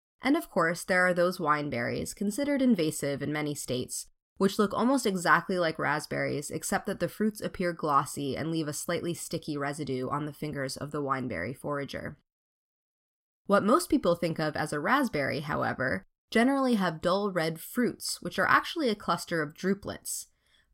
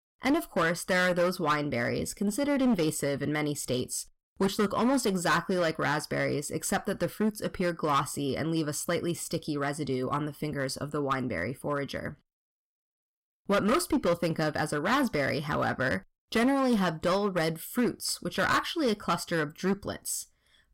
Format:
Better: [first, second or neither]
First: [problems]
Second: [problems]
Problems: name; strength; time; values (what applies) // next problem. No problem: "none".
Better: first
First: none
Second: distortion; slight; 7% of the sound clipped